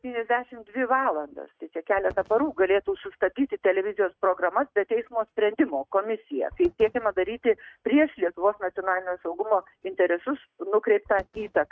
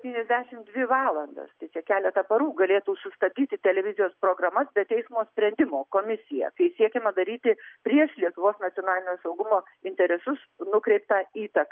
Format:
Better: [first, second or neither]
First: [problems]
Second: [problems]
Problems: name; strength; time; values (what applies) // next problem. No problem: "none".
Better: second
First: noise reduction (neural mask model RNNoise)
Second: none